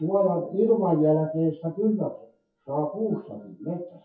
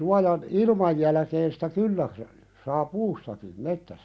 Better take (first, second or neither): second